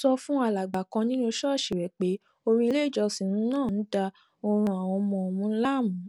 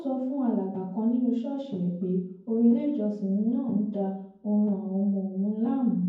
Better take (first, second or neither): first